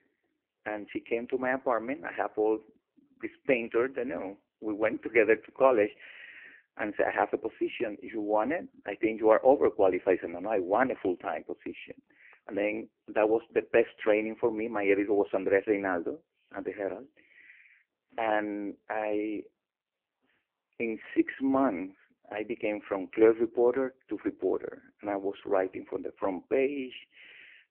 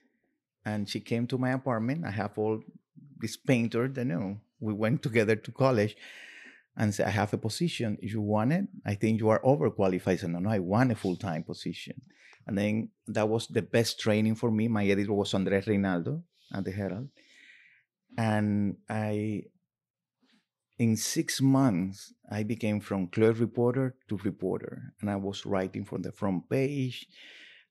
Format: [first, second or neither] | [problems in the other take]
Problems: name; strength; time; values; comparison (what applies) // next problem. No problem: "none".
second | phone-call audio; poor line